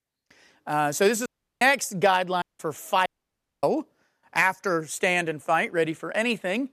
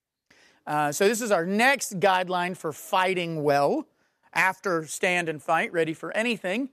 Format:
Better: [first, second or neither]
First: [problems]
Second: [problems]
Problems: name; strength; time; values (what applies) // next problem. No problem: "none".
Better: second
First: audio cutting out; at 1.5 s, at 2.5 s and at 3 s for 0.5 s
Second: none